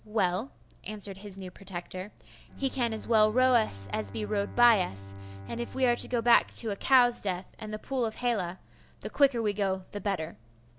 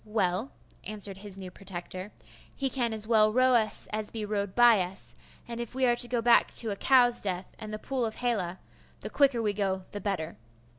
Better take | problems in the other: second | background sound (Bowed string instrument); 17 dB below the speech

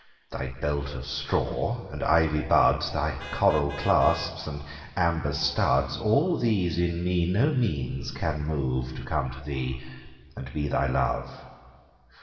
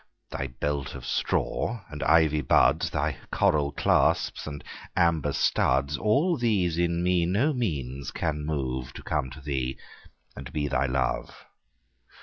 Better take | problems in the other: second | background sound (Vehicle horn, car horn, honking); 16 dB below the speech // room echo; dies away in 1.9 s

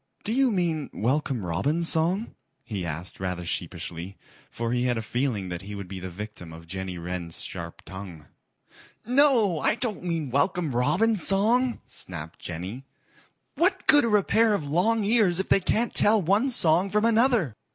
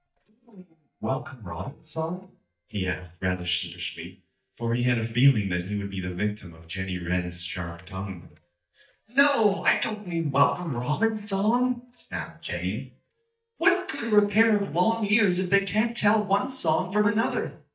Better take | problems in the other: first | noise reduction (neural mask model DeepFilterNet 3)

